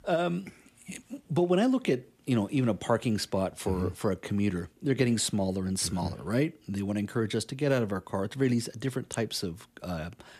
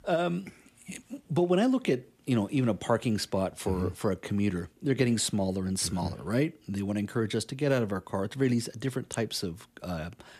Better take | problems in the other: neither | none

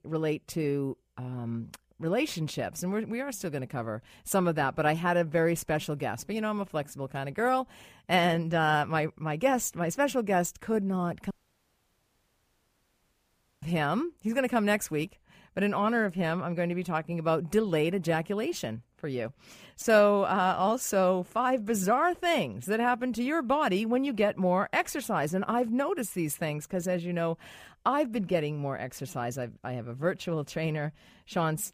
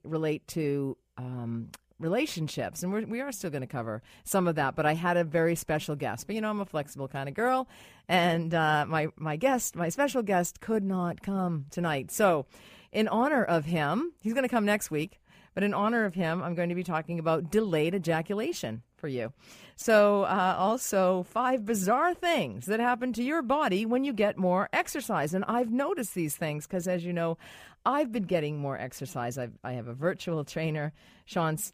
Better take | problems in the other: second | audio cutting out; at 11 s for 2.5 s

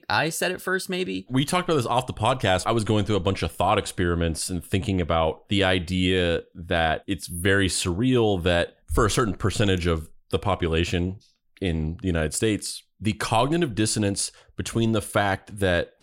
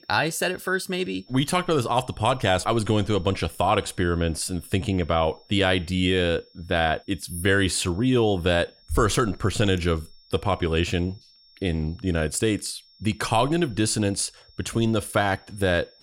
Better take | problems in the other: first | high-pitched whine; faint; throughout; 5.5 kHz, 30 dB below the speech

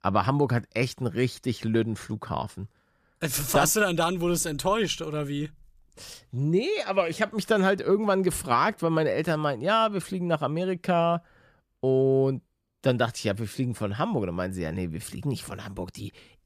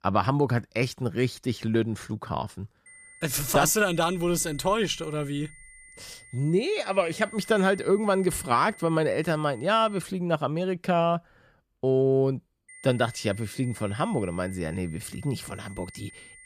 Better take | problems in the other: first | high-pitched whine; faint; from 3 to 10 s and from 13 s on; 2 kHz, 20 dB below the speech

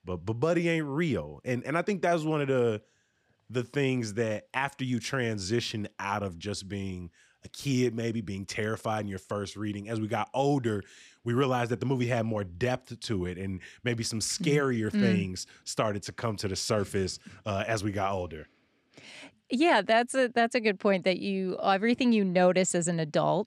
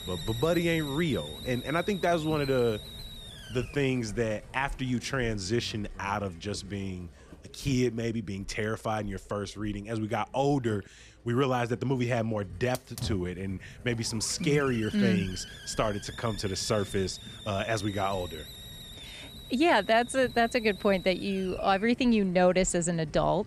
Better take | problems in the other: first | hiss; noticeable; throughout; 15 dB below the speech

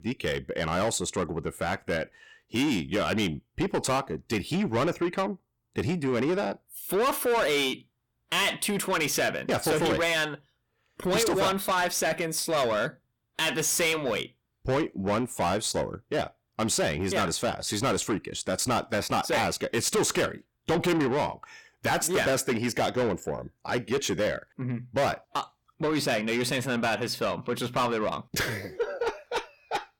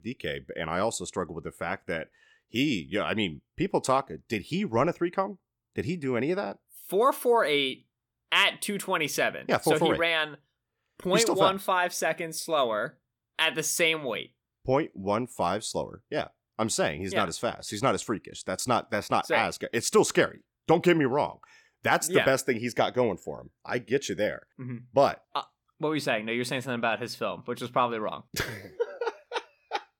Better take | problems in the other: second | distortion; heavy; 6 dB below the speech

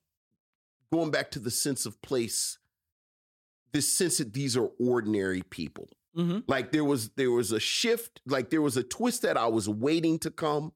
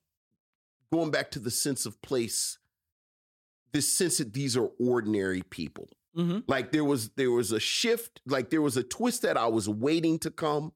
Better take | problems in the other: neither | none

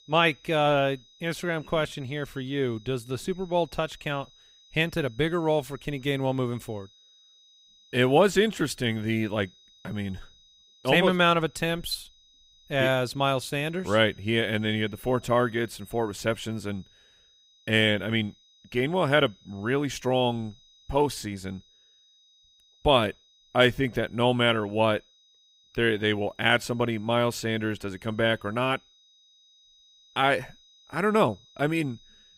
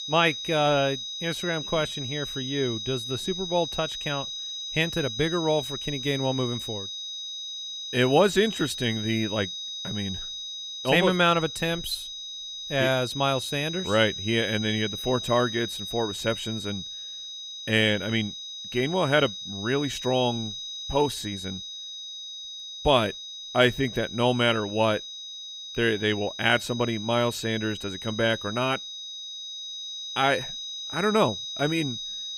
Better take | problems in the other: first | high-pitched whine; loud; throughout; 4 kHz, 7 dB below the speech; faint in the first

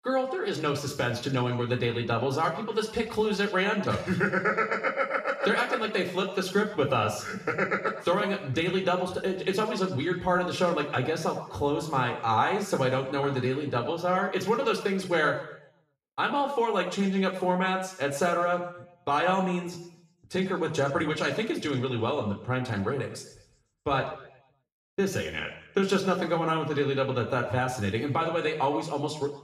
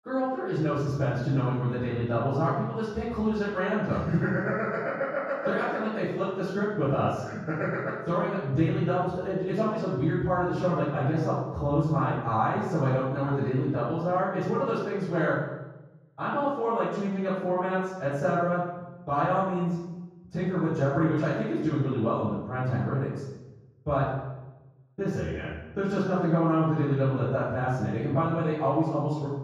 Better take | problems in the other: first | room echo; strong; dies away in 1.3 s; slight in the first // off-mic speech; far; somewhat distant in the first

